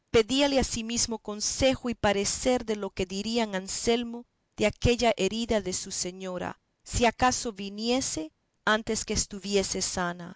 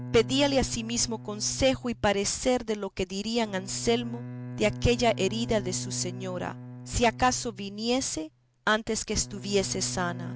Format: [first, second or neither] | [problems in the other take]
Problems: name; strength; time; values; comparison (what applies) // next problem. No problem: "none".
first | background sound (Bowed string instrument); 12 dB below the speech